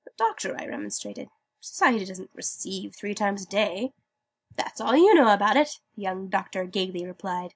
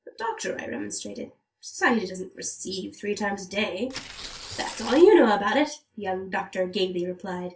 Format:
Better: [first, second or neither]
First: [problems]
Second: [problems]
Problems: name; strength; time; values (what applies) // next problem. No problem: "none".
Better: first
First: none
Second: background sound (Tearing); 14 dB below the speech // room echo; dies away in 0.2 s